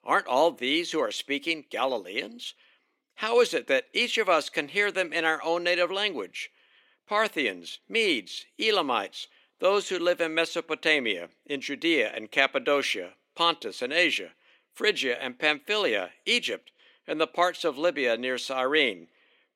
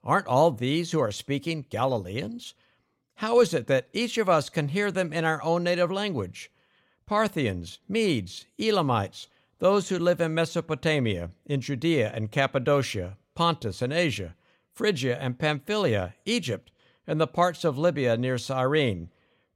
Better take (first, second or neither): second